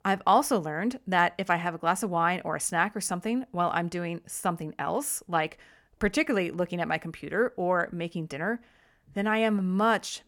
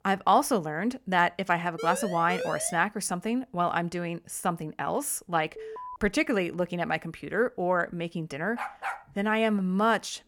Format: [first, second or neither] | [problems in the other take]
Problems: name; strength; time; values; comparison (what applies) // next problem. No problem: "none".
first | siren; noticeable; from 2 to 3 s; peak 6 dB below the speech // alarm; faint; at 5.5 s; peak 10 dB below the speech // dog barking; noticeable; at 8.5 s; peak 6 dB below the speech